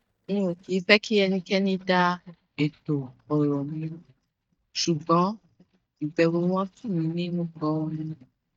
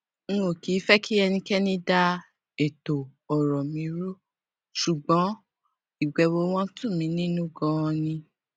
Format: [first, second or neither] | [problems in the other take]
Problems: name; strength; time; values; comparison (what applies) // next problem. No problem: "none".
second | noise reduction (neural mask model DeepFilterNet 3)